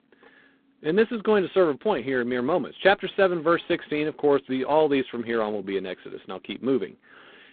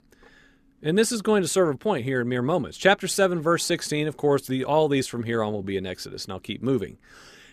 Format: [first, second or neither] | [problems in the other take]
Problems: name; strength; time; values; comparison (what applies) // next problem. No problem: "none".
second | phone-call audio; poor line; nothing above 3.5 kHz